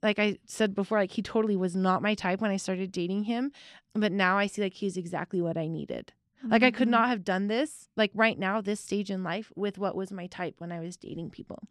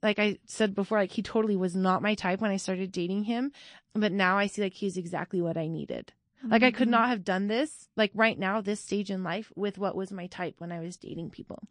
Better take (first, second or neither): first